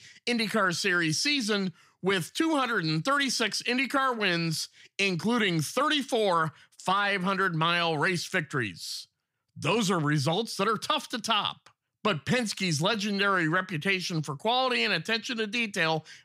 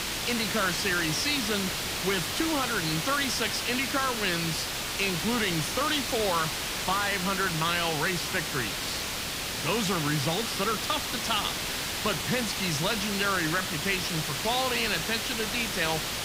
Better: first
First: none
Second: hiss; loud; throughout; 1 dB below the speech

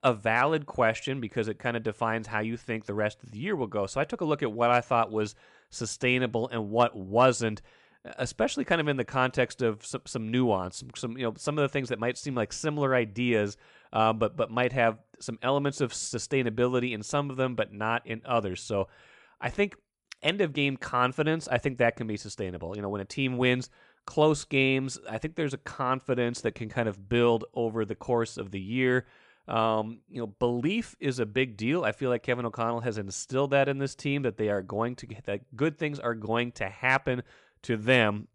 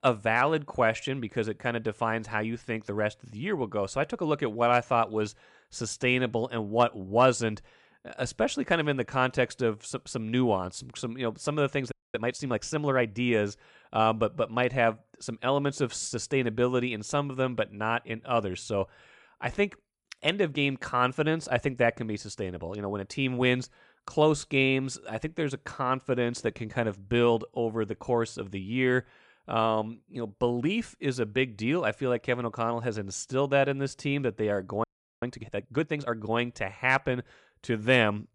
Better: first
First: none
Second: audio freezing; at 12 s and at 35 s

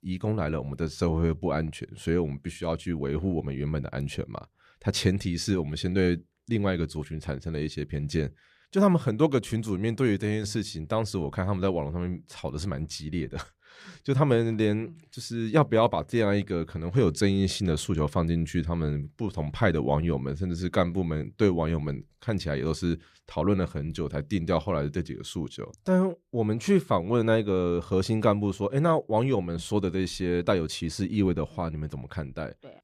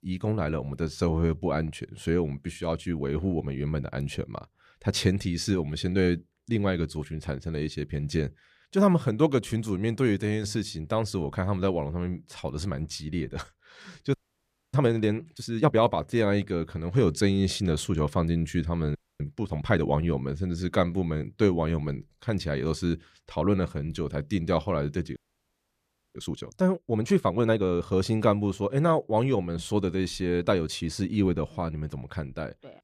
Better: first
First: none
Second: audio freezing; at 14 s for 0.5 s, at 19 s and at 25 s for 1 s

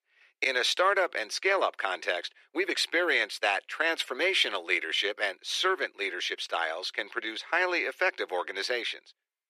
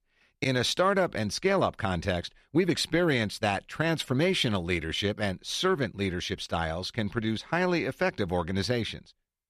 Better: second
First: thin; very; fading below 350 Hz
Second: none

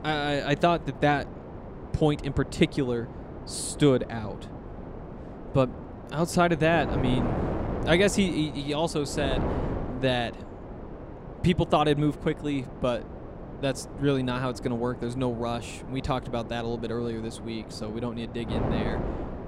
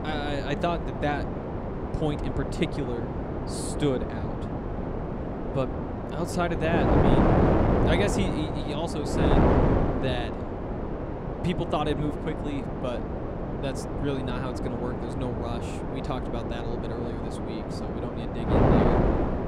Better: first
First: wind noise on the microphone; occasional gusts; 10 dB below the speech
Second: wind noise on the microphone; heavy; 2 dB above the speech

